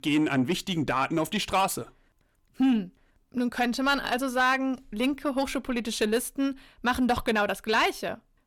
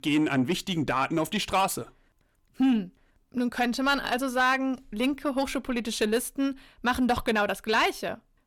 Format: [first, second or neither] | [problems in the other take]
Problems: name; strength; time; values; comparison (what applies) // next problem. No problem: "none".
neither | distortion; slight; 10 dB below the speech; the same in both